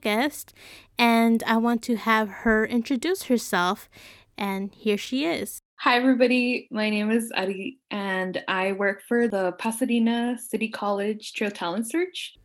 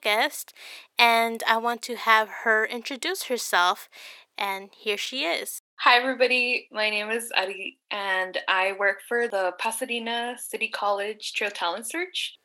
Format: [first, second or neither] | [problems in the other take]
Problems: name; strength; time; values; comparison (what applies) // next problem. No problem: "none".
first | thin; very; fading below 650 Hz